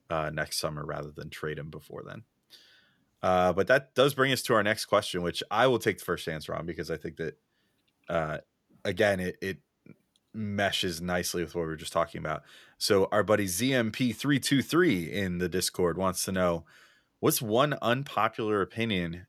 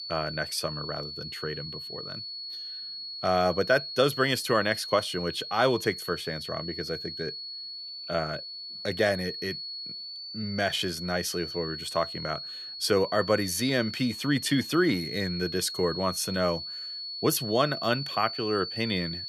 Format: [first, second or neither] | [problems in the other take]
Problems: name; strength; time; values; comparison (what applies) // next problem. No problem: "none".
first | high-pitched whine; loud; throughout; 4.5 kHz, 7 dB below the speech